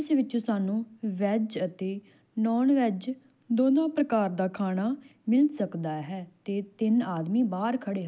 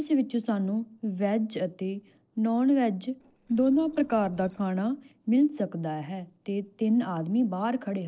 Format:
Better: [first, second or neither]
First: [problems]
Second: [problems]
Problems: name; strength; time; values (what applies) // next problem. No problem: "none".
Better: first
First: none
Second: noise reduction (neural separator model SepFormer DNS4)